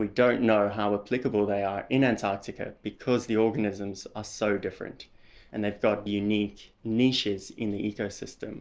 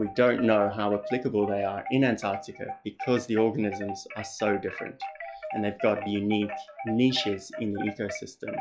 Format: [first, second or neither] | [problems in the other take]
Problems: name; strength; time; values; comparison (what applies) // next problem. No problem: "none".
first | noise reduction (classical method log-MMSE)